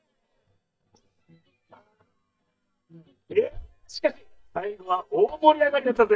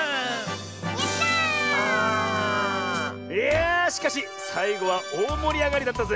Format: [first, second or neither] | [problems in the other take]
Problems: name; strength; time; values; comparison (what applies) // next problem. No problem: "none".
second | noise reduction (neural mask model DeepFilterNet 3)